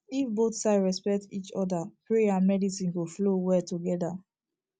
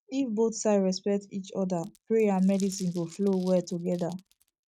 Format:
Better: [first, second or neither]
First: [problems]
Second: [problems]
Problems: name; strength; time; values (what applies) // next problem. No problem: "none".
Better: first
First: none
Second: noise reduction (neural mask model RNNoise)